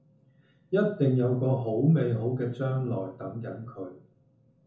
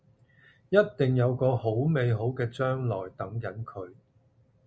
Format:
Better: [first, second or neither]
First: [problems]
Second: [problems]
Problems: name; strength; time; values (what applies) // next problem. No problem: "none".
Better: second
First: room echo; dies away in 0.7 s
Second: none